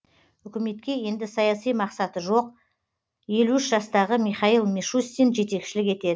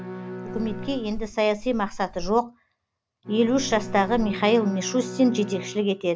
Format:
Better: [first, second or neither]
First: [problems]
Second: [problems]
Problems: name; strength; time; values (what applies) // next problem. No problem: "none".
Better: first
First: none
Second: background sound (Wind + Bowed string instrument); 11 dB below the speech